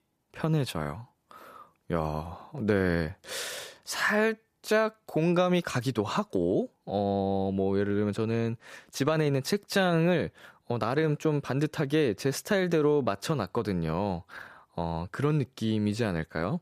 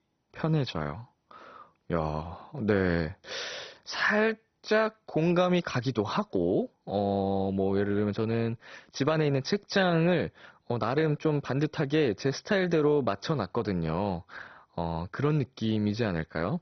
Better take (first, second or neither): first